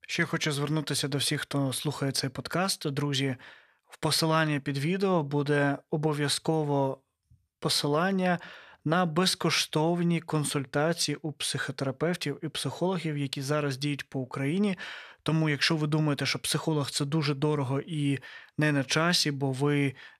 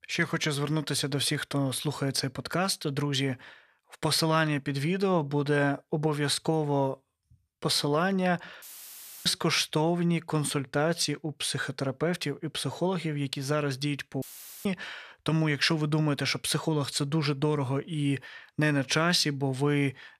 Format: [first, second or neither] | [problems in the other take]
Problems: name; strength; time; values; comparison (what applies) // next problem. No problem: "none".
first | audio cutting out; filled with static; at 8.5 s for 0.5 s and at 14 s